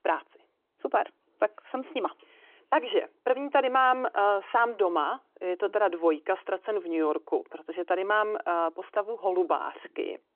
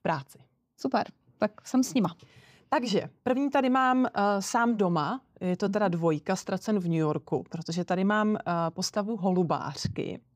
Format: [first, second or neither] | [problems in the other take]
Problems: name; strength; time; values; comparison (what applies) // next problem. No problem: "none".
second | phone-call audio